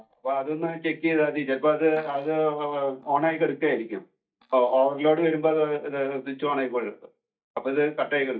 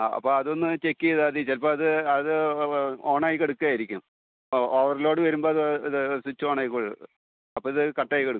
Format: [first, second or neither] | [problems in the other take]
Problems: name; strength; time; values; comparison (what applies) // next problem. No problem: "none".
second | noise reduction (neural mask model DeepFilterNet 3)